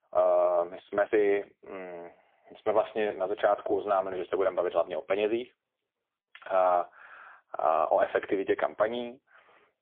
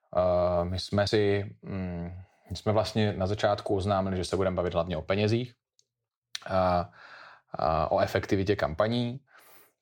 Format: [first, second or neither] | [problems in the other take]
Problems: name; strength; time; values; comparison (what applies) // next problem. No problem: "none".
second | phone-call audio; poor line; nothing above 3.5 kHz